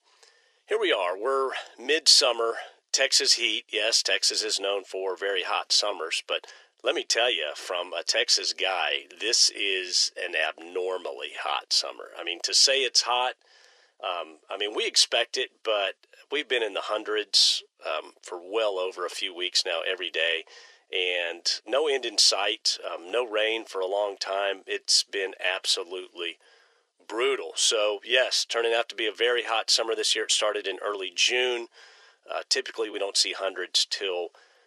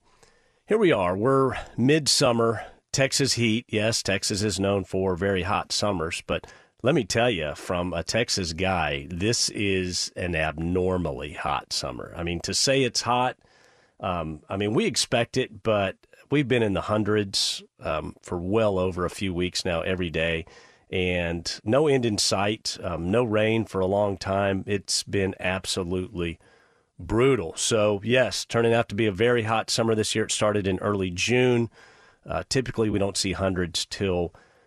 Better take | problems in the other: second | thin; very; fading below 400 Hz

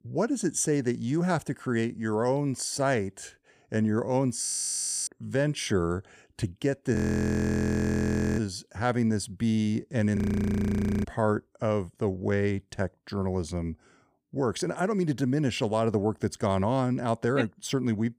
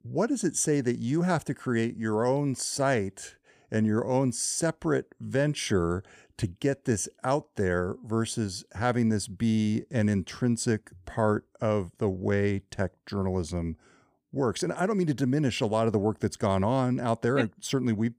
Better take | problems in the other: second | audio freezing; at 4.5 s for 0.5 s, at 7 s for 1.5 s and at 10 s for 1 s

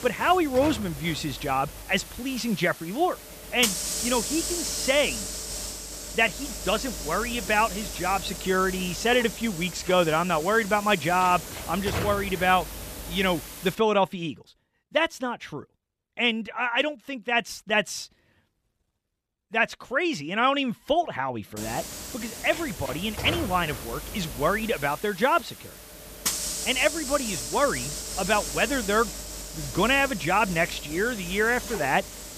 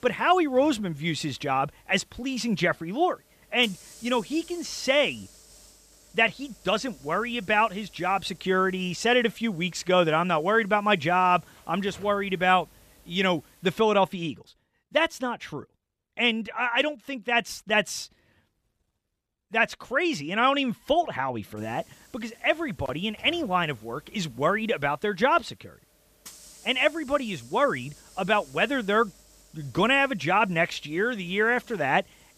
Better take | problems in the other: second | hiss; loud; until 14 s and from 22 s on; 7 dB below the speech; faint in the second

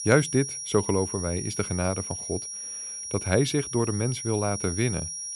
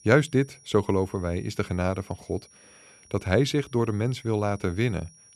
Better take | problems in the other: second | high-pitched whine; loud; throughout; 5.5 kHz, 5 dB below the speech; faint in the second

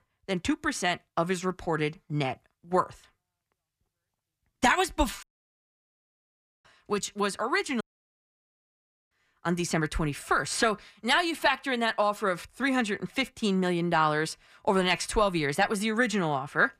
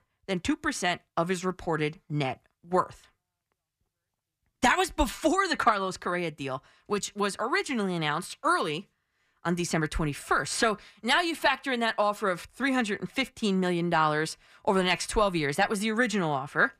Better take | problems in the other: second | audio cutting out; at 5 s for 1.5 s and at 8 s for 1.5 s

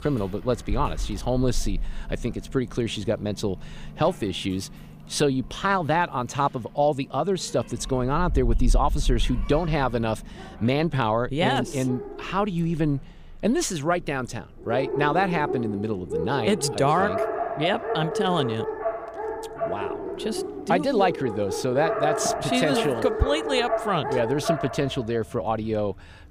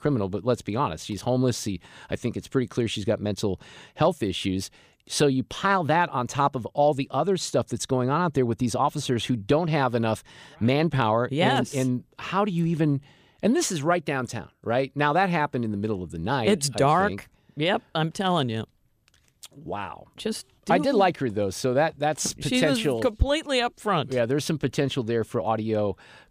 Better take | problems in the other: second | animal sounds; loud; throughout; 5 dB below the speech

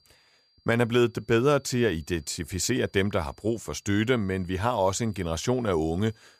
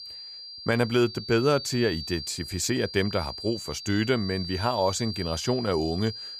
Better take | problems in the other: first | high-pitched whine; loud; throughout; 4.5 kHz, 9 dB below the speech; faint in the first

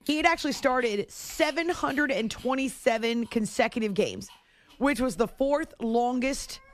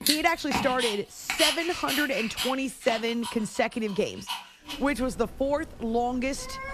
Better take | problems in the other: first | animal sounds; loud; throughout; 2 dB below the speech; faint in the first

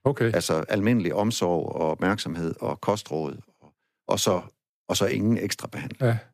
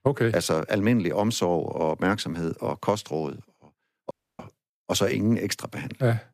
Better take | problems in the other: first | audio cutting out; at 4 s

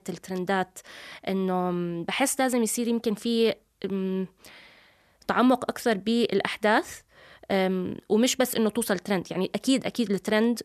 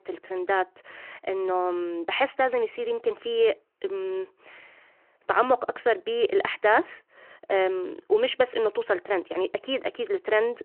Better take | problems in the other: first | phone-call audio

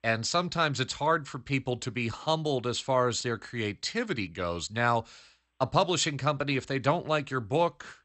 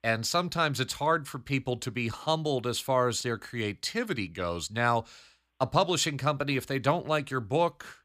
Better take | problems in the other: second | garbled, watery; slightly; nothing above 8 kHz

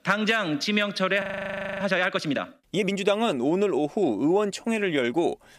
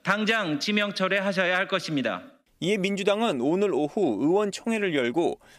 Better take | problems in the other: second | audio freezing; at 1 s for 0.5 s

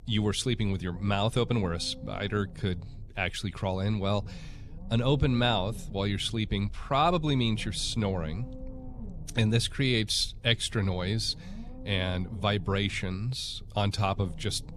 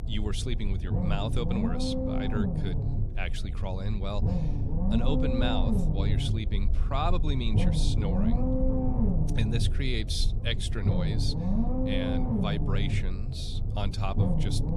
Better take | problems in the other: first | low rumble; loud; throughout; 1 dB below the speech; faint in the first

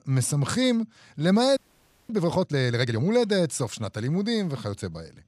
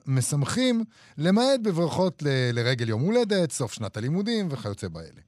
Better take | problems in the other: second | audio freezing; at 1.5 s for 0.5 s

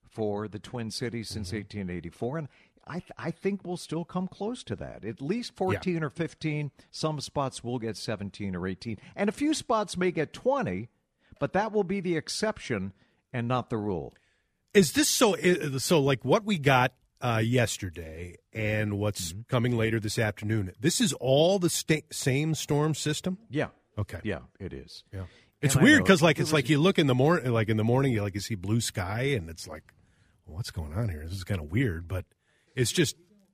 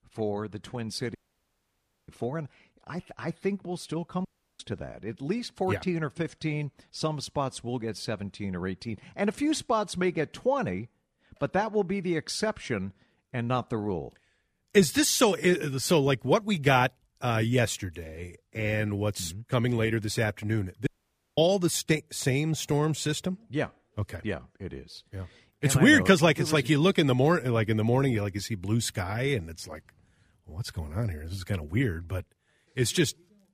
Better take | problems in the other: first | audio cutting out; at 1 s for 1 s, at 4.5 s and at 21 s for 0.5 s

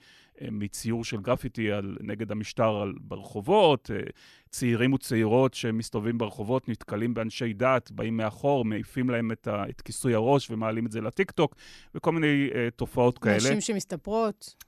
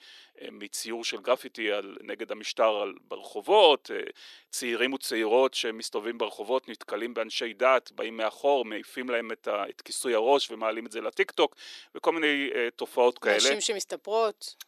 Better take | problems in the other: first | thin; somewhat; fading below 350 Hz

